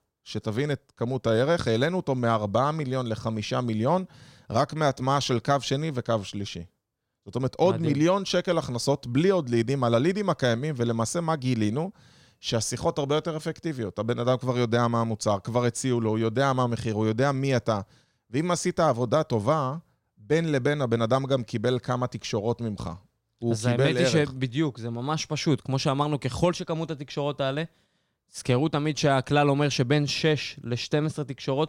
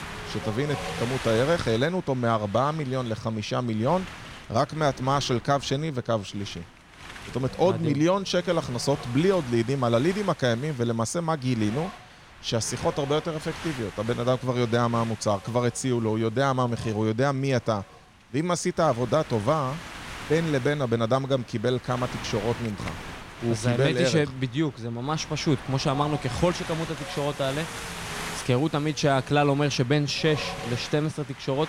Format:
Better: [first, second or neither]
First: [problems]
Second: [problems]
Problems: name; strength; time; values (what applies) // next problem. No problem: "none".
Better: first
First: none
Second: wind noise on the microphone; occasional gusts; 10 dB below the speech